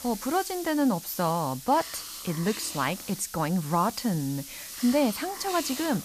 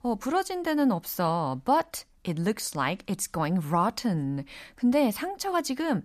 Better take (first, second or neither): second